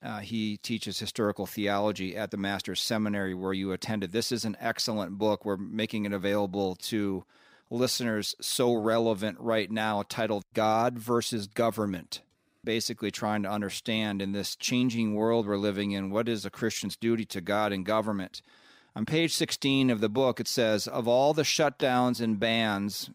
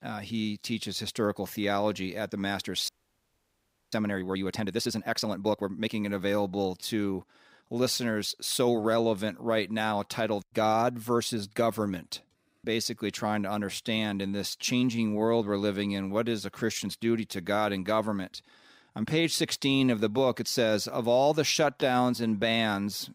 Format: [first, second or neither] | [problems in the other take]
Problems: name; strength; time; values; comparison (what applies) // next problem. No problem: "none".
first | audio freezing; at 3 s for 1 s